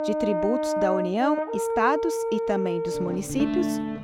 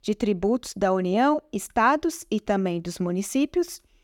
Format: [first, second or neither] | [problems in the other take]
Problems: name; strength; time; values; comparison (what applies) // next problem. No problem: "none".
second | background music; very loud; throughout; as loud as the speech